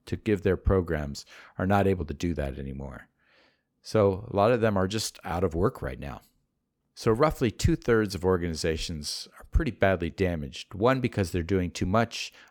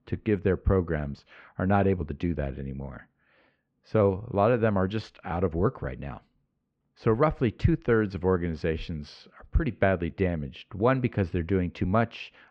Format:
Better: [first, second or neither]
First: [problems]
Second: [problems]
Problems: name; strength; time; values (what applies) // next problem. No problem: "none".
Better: first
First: none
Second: muffled; very; fading above 3 kHz